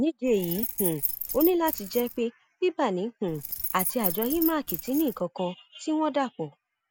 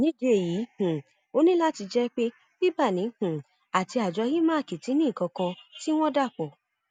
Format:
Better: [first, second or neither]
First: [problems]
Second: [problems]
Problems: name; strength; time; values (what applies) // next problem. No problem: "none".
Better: second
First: background sound (Keys jangling); 5 dB below the speech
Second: none